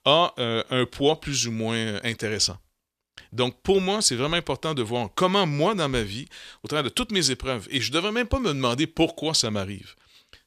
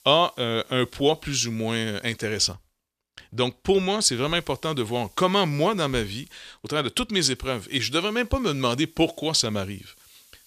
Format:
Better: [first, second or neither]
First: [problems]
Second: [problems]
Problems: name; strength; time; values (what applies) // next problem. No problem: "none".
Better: first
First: none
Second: hiss; faint; until 2.5 s, from 4 to 6.5 s and from 7.5 s on; 30 dB below the speech